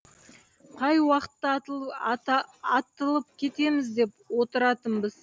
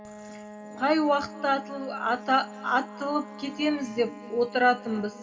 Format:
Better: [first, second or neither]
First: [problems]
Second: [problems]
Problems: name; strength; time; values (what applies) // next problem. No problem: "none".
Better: first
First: none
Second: background sound (Wind instrument, woodwind instrument); 15 dB below the speech // room echo; dies away in 2 s